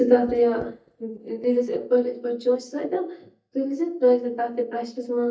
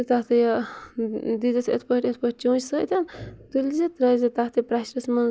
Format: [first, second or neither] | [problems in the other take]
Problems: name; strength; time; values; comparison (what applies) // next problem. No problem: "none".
second | noise reduction (neural mask model DeepFilterNet 3)